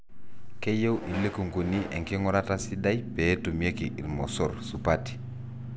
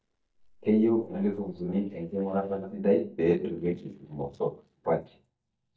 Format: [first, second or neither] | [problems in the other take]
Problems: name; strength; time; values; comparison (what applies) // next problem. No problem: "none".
first | noise reduction (neural mask model DeepFilterNet 3)